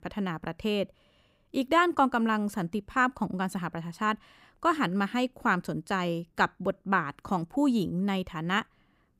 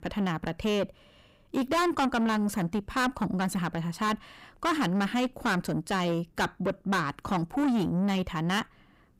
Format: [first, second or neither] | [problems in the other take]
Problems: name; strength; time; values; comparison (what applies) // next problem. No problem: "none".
first | distortion; heavy; 7 dB below the speech